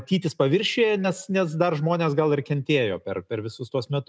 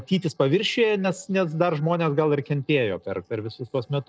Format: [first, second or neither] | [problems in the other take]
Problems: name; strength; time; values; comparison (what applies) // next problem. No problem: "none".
first | noise reduction (neural separator model SepFormer DNS4)